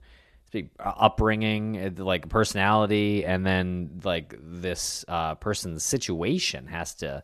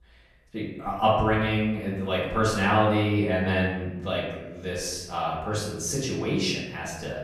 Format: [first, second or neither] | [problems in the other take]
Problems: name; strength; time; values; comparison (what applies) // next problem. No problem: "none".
first | off-mic speech; far // room echo; noticeable; dies away in 0.9 s